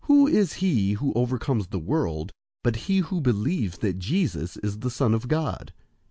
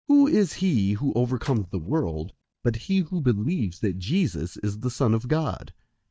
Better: first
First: none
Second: noise reduction (neural mask model DeepFilterNet 3)

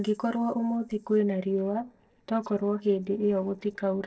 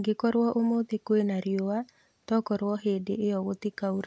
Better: second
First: noise reduction (neural separator model SepFormer DNS4)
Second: none

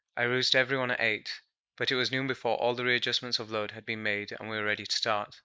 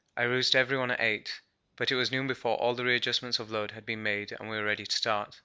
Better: second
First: noise reduction (neural mask model Resemble Enhance denoiser)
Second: none

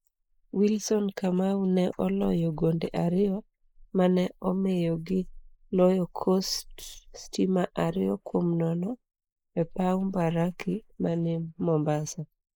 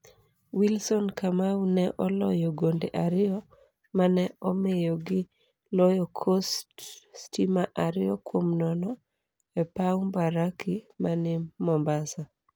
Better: second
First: noise reduction (neural mask model Resemble Enhance denoiser)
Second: none

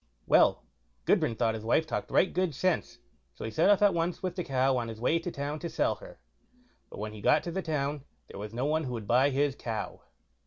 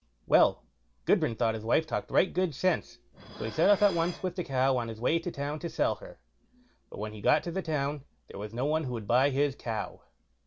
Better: first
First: none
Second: background sound (Dishes, pots, and pans); 19 dB below the speech

